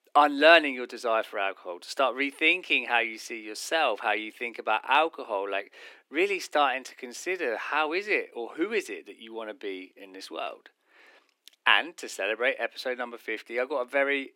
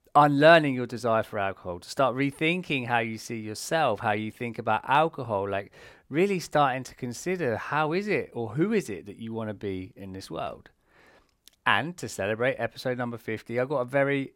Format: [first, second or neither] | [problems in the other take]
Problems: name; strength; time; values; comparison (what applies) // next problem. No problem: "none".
second | thin; somewhat; fading below 300 Hz